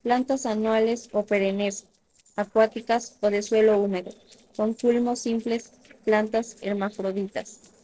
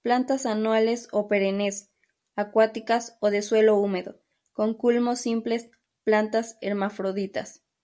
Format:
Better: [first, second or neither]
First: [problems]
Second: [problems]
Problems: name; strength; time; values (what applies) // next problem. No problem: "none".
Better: second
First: noise reduction (neural separator model SepFormer DNS4)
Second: none